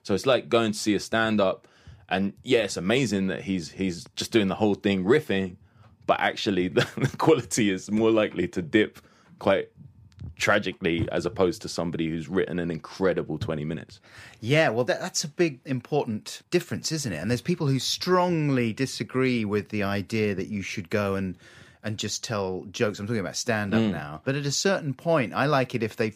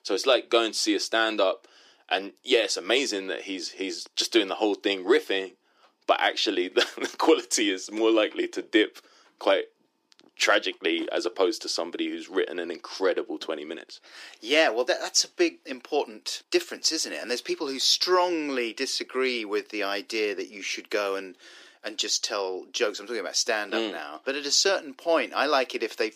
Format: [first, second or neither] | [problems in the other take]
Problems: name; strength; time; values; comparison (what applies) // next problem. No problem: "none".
first | thin; somewhat; fading below 300 Hz